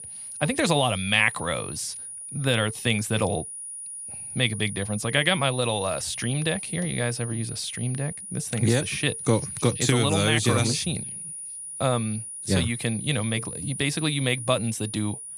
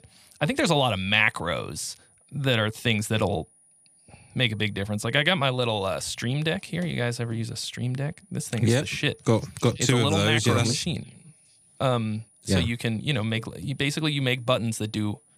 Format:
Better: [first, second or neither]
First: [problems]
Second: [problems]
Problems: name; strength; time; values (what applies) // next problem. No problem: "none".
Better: second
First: high-pitched whine; loud; throughout; 9.5 kHz, 8 dB below the speech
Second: high-pitched whine; faint; throughout; 9.5 kHz, 30 dB below the speech